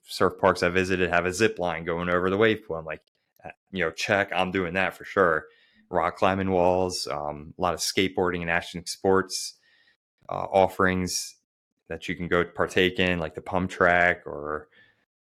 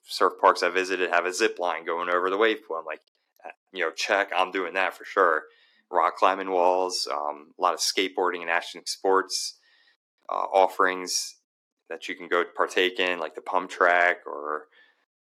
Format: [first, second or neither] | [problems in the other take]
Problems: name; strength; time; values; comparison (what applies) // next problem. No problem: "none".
first | thin; somewhat; fading below 300 Hz